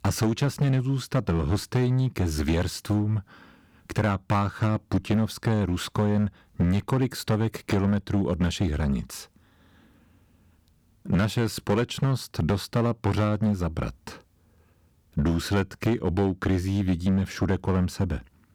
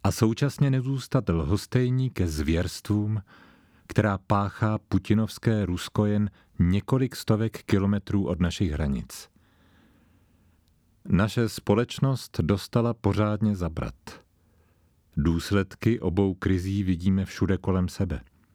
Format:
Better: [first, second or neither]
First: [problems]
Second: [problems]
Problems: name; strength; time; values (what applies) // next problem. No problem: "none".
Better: second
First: distortion; slight; 8% of the sound clipped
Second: none